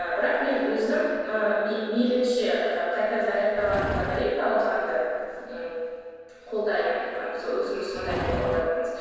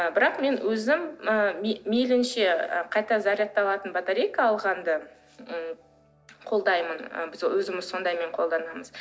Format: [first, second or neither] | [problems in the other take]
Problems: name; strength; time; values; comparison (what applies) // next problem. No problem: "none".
second | background sound (Livestock, farm animals, working animals); 12 dB below the speech // room echo; dies away in 1.9 s